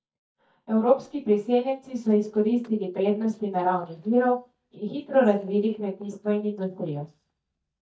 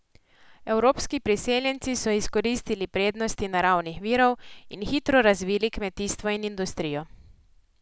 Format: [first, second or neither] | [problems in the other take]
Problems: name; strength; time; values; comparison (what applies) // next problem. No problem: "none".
second | noise reduction (neural mask model DeepFilterNet 3)